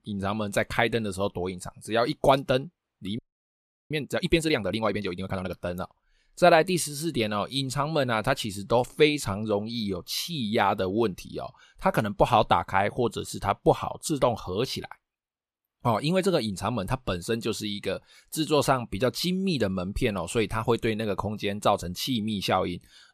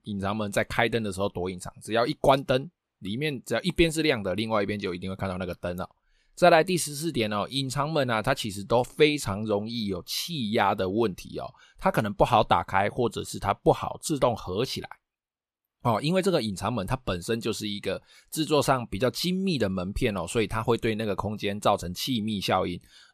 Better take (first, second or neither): second